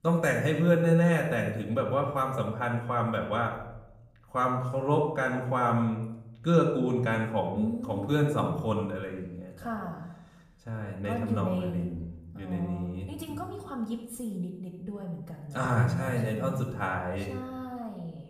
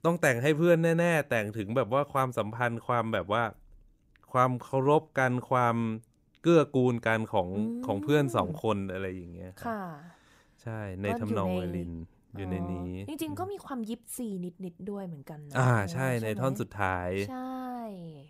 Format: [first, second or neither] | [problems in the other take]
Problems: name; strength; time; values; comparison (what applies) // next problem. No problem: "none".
second | room echo; noticeable; dies away in 0.7 s // off-mic speech; somewhat distant